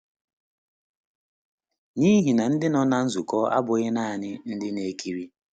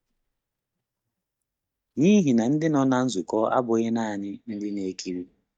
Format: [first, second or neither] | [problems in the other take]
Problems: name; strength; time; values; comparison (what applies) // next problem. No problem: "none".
first | noise reduction (neural mask model DeepFilterNet 3)